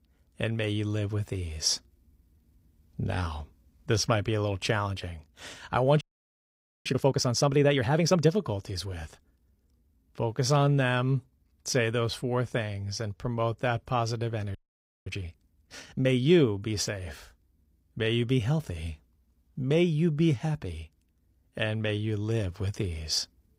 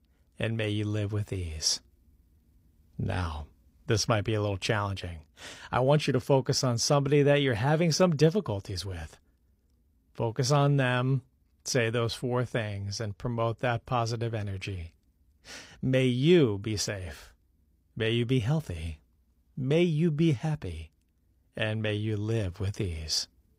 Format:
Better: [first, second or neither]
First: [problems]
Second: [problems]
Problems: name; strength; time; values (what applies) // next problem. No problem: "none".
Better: second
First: audio freezing; at 6 s for 1 s and at 15 s for 0.5 s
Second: none